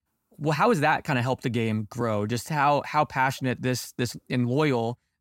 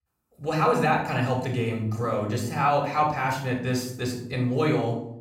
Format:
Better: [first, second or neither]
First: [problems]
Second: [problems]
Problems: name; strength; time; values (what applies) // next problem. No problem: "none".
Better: first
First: none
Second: off-mic speech; somewhat distant // room echo; noticeable; dies away in 0.6 s